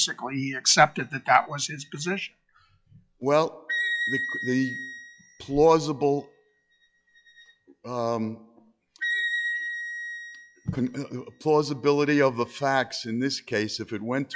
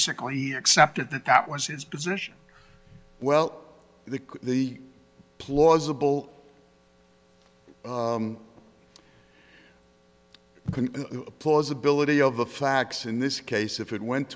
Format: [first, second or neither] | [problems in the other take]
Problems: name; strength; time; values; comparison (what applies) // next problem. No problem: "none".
second | noise reduction (classical method log-MMSE)